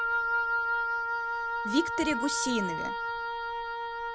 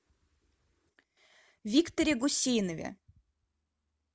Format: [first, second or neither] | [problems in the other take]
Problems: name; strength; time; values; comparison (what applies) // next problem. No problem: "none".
second | background sound (Wind instrument, woodwind instrument); 4 dB above the speech